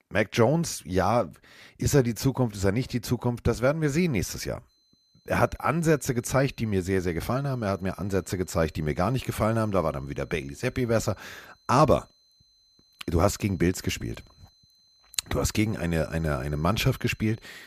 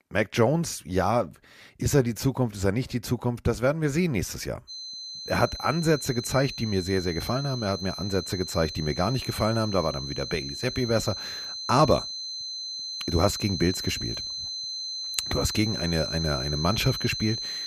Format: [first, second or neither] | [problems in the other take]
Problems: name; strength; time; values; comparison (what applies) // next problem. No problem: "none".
first | high-pitched whine; loud; from 4.5 s on; 4 kHz, 6 dB below the speech; faint in the first